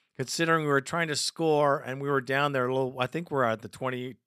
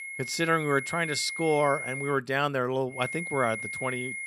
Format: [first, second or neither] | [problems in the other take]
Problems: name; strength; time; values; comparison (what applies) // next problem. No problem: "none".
first | high-pitched whine; loud; until 2 s and from 3 s on; 2 kHz, 6 dB below the speech